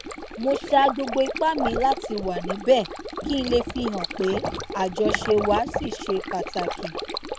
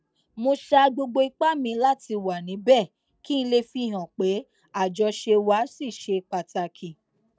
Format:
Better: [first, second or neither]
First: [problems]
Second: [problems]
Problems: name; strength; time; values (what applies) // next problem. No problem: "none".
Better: second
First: background sound (Stream); 5 dB below the speech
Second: none